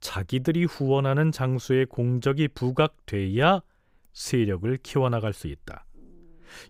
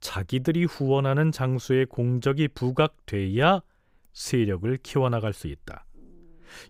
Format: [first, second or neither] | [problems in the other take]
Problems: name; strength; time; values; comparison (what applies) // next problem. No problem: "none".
neither | none